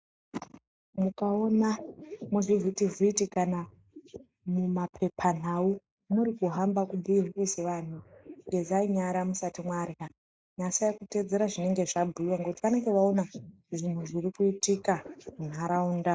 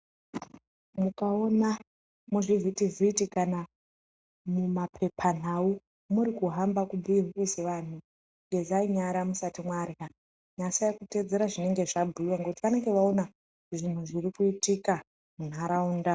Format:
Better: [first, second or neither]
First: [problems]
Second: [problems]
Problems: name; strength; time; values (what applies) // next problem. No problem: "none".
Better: second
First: noise reduction (neural mask model Resemble Enhance denoiser)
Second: none